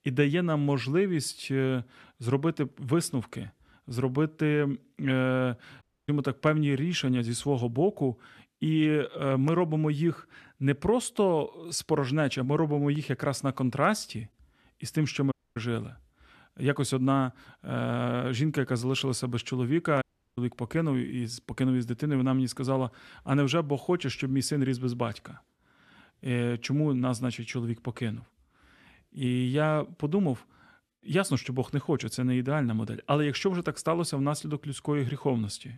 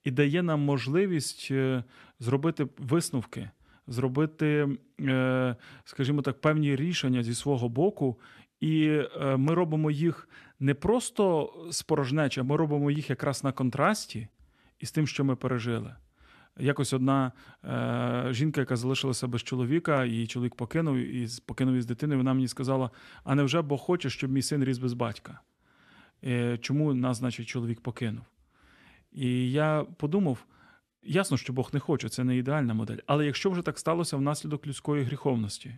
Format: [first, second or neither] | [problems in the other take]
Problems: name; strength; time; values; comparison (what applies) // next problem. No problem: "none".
second | audio cutting out; at 6 s, at 15 s and at 20 s